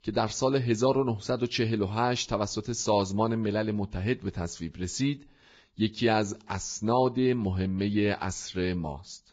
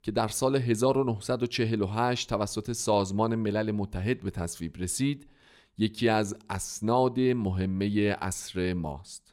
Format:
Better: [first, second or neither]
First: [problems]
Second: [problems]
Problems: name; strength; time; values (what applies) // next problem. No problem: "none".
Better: second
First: garbled, watery; badly; nothing above 7.5 kHz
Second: none